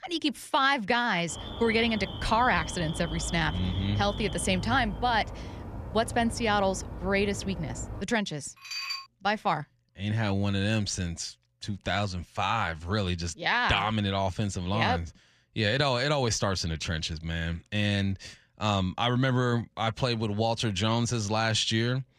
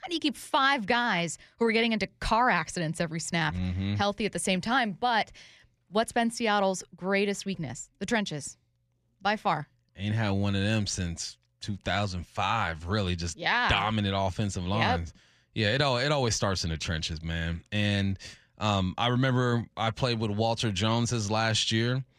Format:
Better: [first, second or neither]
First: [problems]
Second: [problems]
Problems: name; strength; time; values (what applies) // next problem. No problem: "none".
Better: second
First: alarm; noticeable; from 1.5 to 8 s; peak 8 dB below the speech // clattering dishes; noticeable; at 8.5 s; peak 4 dB below the speech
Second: none